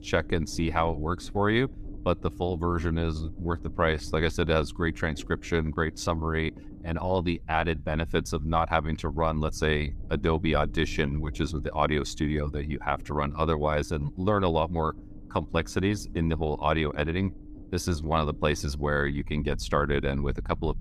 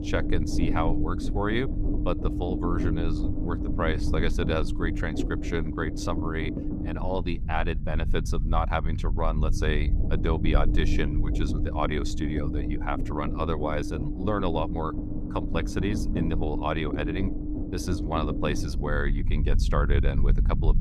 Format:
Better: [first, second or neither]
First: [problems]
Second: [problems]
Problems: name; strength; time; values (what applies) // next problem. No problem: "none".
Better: first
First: low rumble; faint; throughout; 25 dB below the speech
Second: low rumble; loud; throughout; 7 dB below the speech